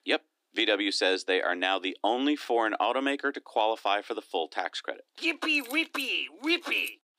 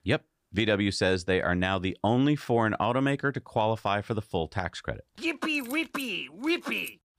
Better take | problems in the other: second | thin; very slightly; fading below 300 Hz

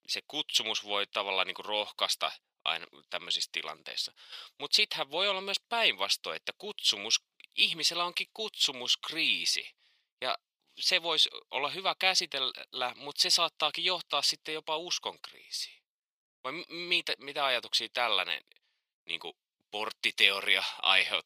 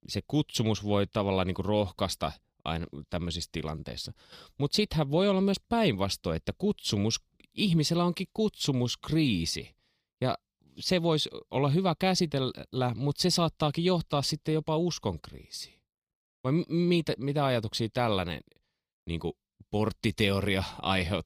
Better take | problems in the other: second | thin; very; fading below 800 Hz

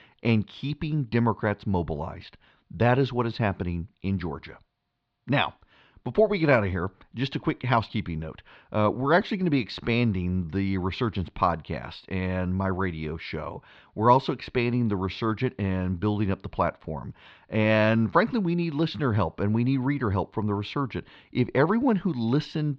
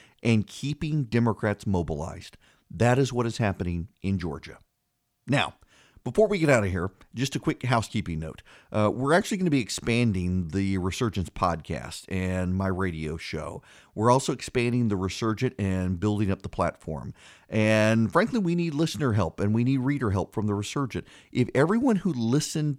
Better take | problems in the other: second | muffled; slightly; fading above 4 kHz

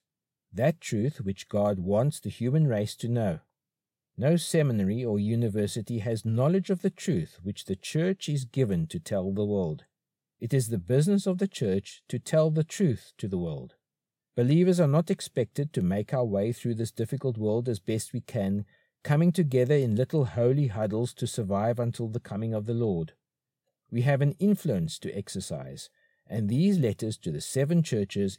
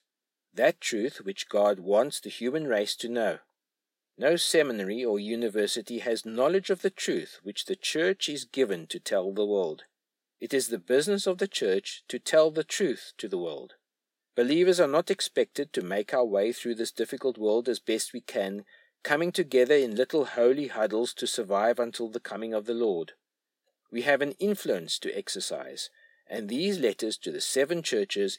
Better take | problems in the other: first | thin; somewhat; fading below 250 Hz

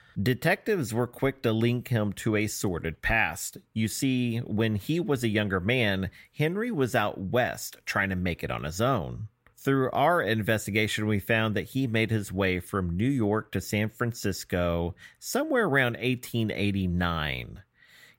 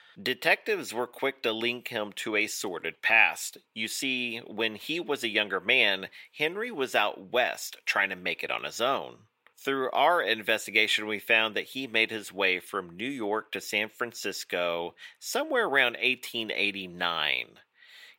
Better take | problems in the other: first | thin; somewhat; fading below 400 Hz

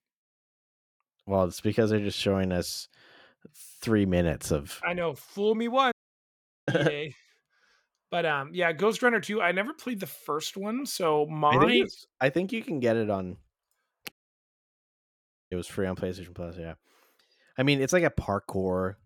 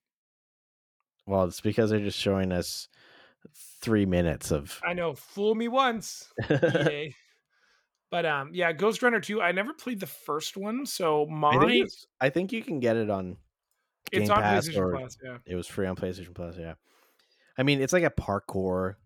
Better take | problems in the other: second | audio cutting out; at 6 s for 1 s and at 14 s for 1.5 s

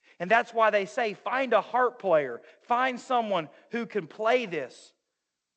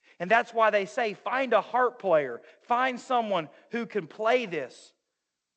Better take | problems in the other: neither | garbled, watery; slightly; nothing above 8 kHz; the same in both

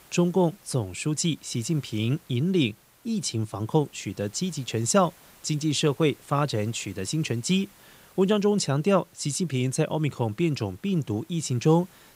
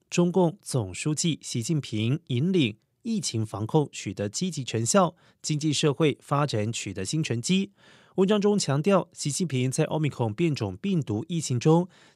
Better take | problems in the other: second | hiss; faint; throughout; 25 dB below the speech

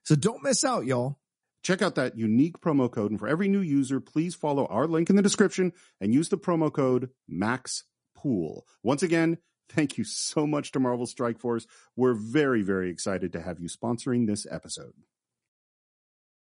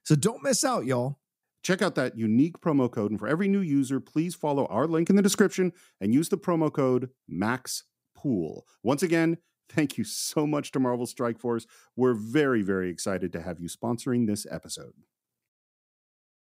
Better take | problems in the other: second | garbled, watery; slightly; nothing above 10.5 kHz

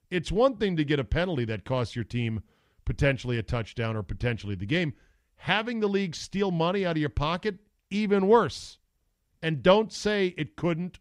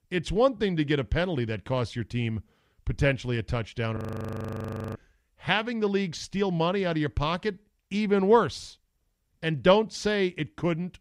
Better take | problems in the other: first | audio freezing; at 4 s for 1 s

